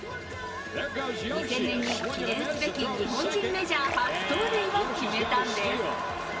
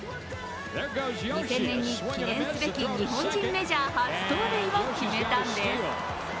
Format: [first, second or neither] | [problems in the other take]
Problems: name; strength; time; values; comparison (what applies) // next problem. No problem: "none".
second | background sound (Splash, splatter); 14 dB below the speech // room echo; dies away in 1.7 s